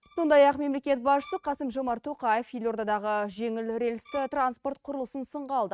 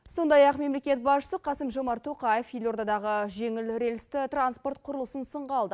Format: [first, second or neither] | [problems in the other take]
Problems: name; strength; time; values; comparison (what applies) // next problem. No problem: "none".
second | noise reduction (neural mask model RNNoise)